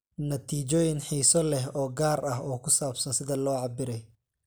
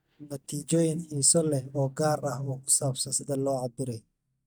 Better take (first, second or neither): first